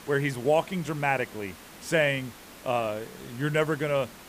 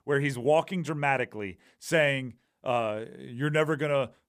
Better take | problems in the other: second | hiss; noticeable; throughout; 20 dB below the speech

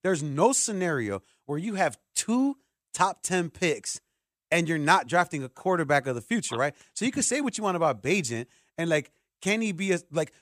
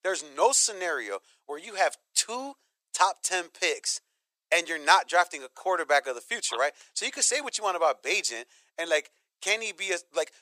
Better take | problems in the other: first | thin; very; fading below 450 Hz

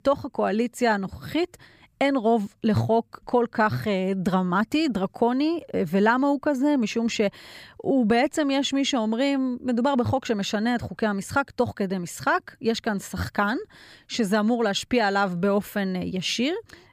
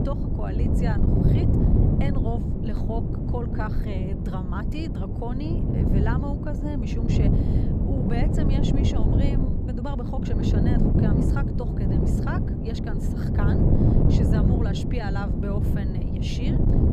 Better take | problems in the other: first | wind noise on the microphone; heavy; 3 dB above the speech

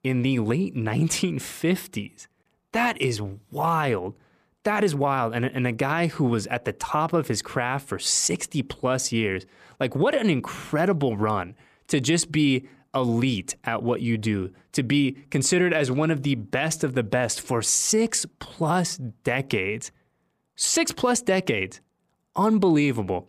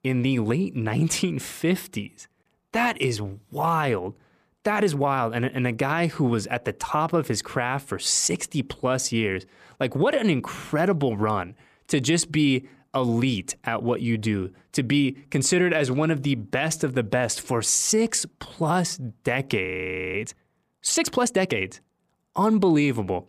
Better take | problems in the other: first | audio freezing; at 20 s

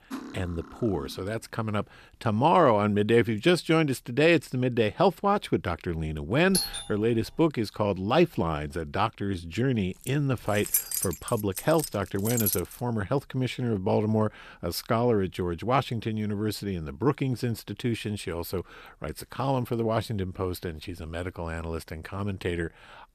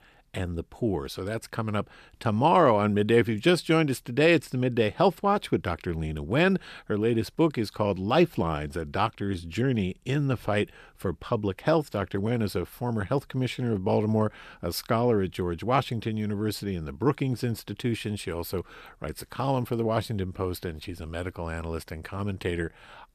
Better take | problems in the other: second | clattering dishes; faint; until 1 s; peak 10 dB below the speech // doorbell; noticeable; at 6.5 s; peak level with the speech // jangling keys; loud; from 10 to 13 s; peak 2 dB above the speech

